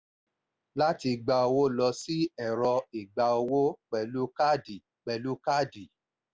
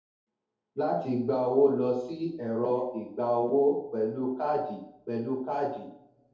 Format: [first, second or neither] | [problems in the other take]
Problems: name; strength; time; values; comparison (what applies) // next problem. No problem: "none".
first | room echo; dies away in 2 s